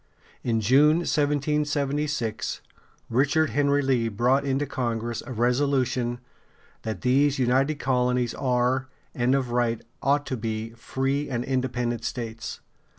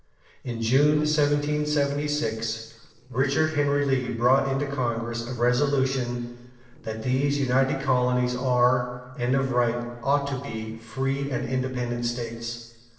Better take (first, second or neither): first